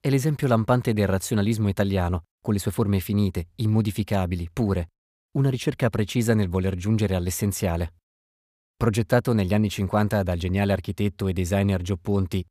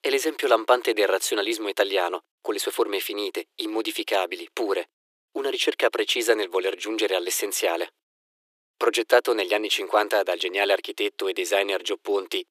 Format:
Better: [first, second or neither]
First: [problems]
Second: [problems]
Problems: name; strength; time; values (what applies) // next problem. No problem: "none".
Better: first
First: none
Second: thin; very; fading below 300 Hz